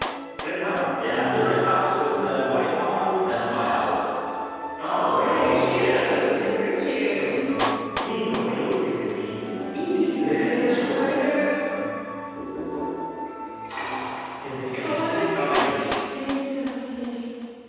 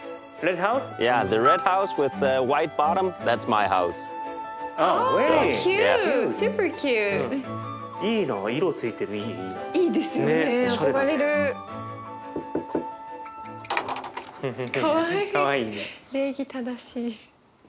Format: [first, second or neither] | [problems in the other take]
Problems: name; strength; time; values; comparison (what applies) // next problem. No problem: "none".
second | background sound (Clapping); 14 dB below the speech // room echo; dies away in 2.1 s